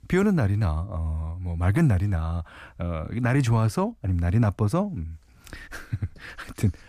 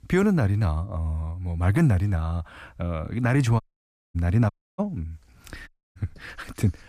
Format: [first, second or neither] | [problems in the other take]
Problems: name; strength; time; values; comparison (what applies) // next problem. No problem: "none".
first | audio cutting out; at 3.5 s for 0.5 s, at 4.5 s and at 5.5 s